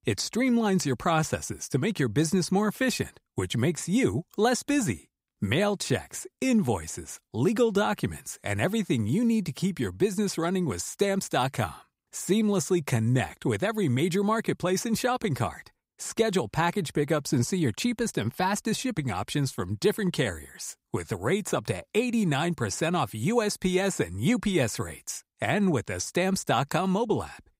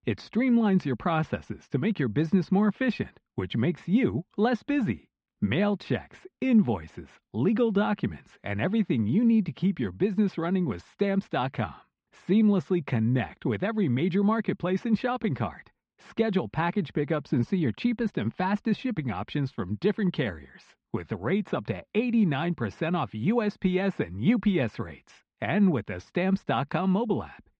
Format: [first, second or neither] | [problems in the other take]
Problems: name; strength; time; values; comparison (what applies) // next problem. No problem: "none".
first | muffled; very; fading above 3.5 kHz